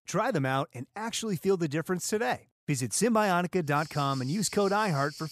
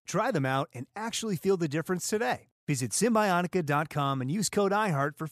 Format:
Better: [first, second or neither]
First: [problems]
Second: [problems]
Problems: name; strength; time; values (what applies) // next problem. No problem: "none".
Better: second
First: animal sounds; noticeable; from 3.5 s on; 15 dB below the speech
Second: none